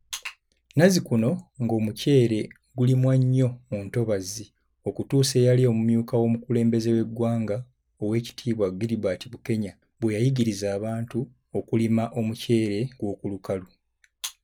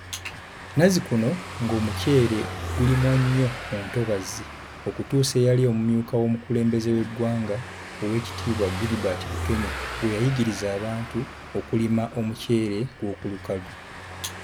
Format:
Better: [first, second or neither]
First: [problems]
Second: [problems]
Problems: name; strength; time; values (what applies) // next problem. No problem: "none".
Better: first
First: none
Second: background sound (Car passing by / Engine); 10 dB below the speech